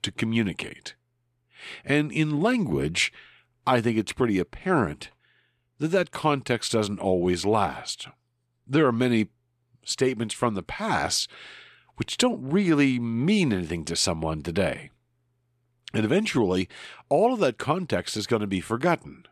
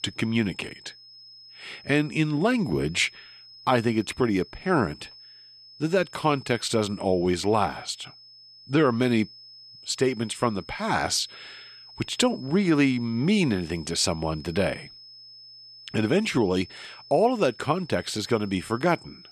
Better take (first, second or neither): first